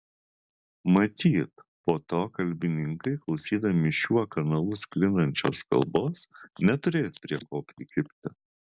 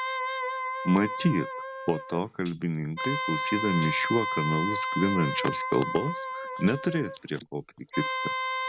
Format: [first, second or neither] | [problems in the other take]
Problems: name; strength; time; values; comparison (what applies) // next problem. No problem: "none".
first | background sound (Wind instrument, woodwind instrument + Tambourine); 3 dB below the speech